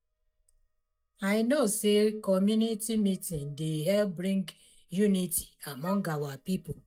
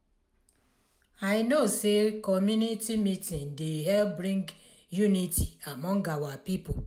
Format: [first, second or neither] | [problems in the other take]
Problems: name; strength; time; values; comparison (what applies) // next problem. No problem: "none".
second | noise reduction (neural mask model DeepFilterNet 3)